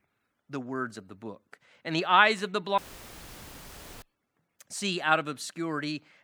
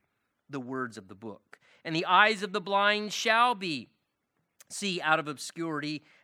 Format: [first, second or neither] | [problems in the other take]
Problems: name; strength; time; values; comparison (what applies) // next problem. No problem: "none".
second | audio cutting out; filled with static; at 3 s for 1 s